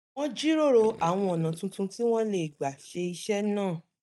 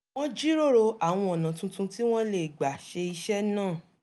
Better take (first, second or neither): second